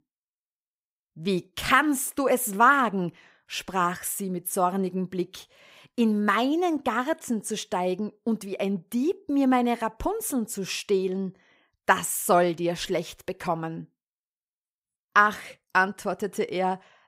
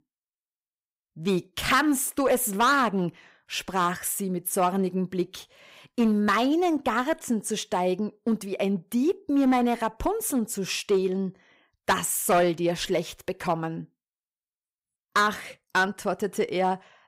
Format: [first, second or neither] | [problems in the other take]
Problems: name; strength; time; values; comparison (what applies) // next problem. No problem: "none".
first | distortion; slight; 3% of the sound clipped